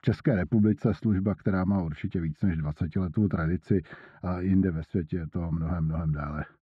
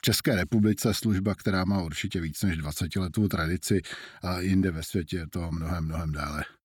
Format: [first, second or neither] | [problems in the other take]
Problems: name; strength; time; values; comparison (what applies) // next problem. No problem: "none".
second | muffled; very; fading above 1.5 kHz